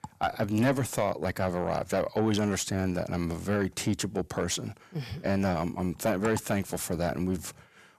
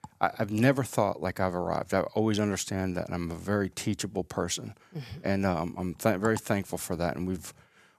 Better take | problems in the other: second | distortion; heavy; 8 dB below the speech

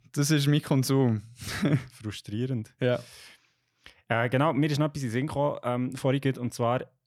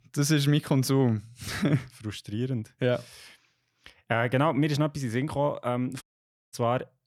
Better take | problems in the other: first | audio cutting out; at 6 s for 0.5 s

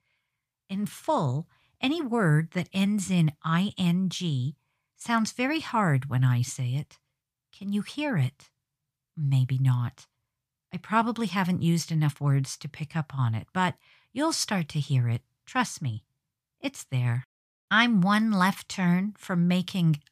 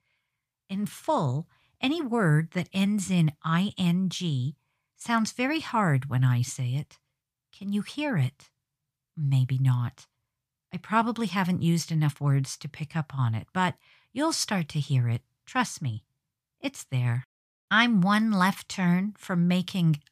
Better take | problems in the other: neither | none

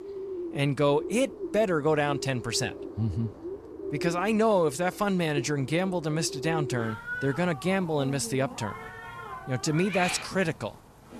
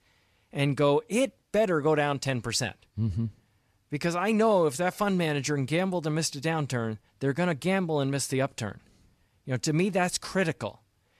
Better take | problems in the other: second | animal sounds; noticeable; throughout; 10 dB below the speech

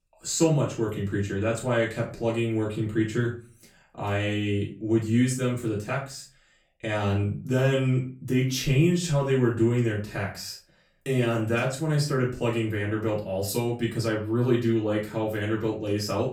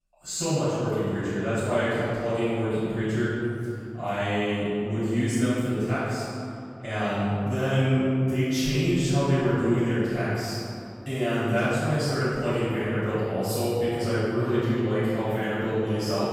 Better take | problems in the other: first | room echo; strong; dies away in 2.6 s; slight in the first // off-mic speech; far; far in the first

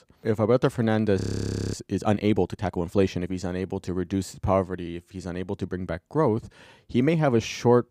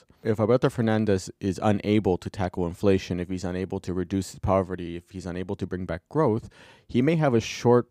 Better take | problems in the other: second | audio freezing; at 1 s for 0.5 s

